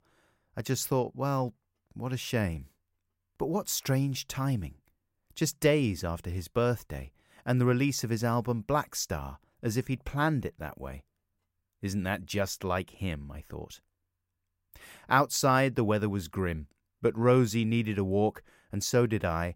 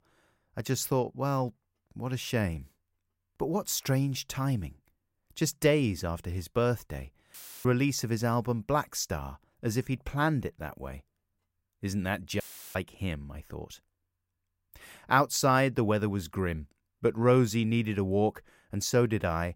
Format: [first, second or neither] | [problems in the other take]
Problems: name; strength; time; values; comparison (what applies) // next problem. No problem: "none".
first | audio cutting out; filled with static; at 7.5 s and at 12 s